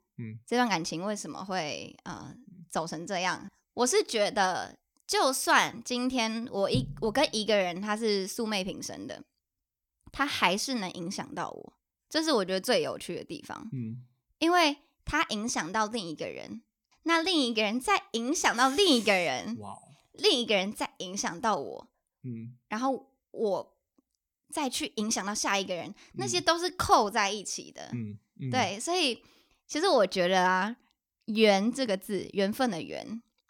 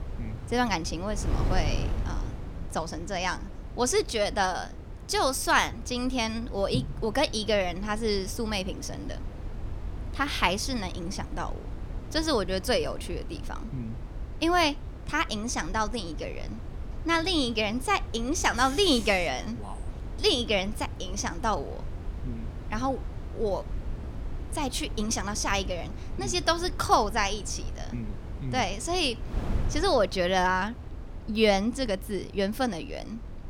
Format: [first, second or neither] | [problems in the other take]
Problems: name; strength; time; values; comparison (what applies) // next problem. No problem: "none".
first | wind noise on the microphone; occasional gusts; 20 dB below the speech